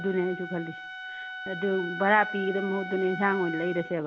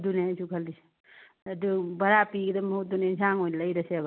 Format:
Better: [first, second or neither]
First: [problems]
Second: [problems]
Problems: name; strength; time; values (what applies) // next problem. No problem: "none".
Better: second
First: background sound (Wind instrument, woodwind instrument); 9 dB below the speech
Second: none